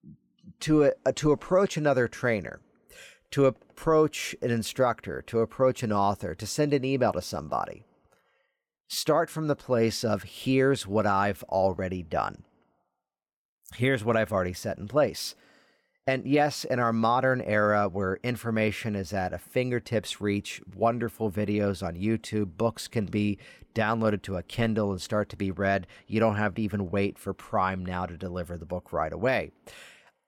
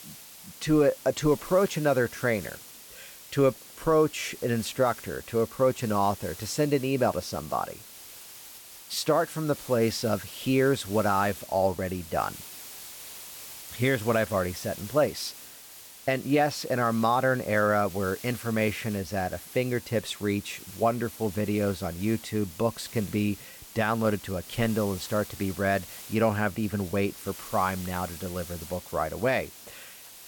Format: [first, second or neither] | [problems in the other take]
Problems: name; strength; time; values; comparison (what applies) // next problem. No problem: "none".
first | hiss; noticeable; throughout; 15 dB below the speech